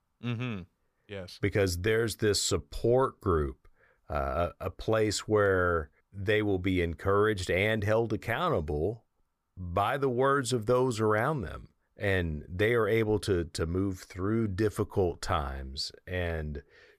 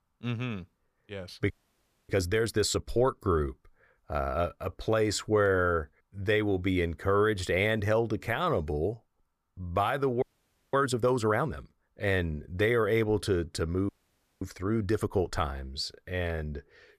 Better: first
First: none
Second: audio freezing; at 1.5 s for 0.5 s, at 10 s for 0.5 s and at 14 s for 0.5 s

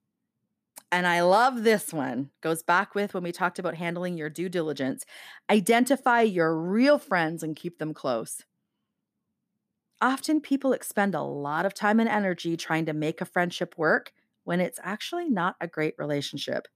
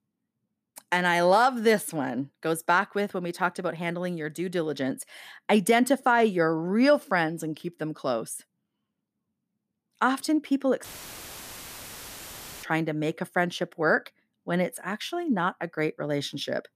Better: first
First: none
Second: audio cutting out; filled with static; at 11 s for 2 s

